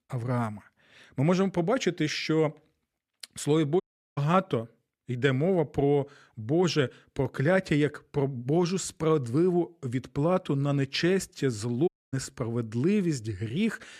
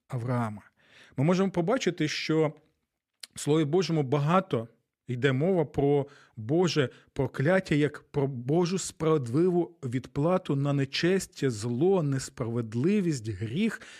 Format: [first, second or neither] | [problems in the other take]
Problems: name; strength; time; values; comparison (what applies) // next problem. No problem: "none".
second | audio cutting out; at 4 s and at 12 s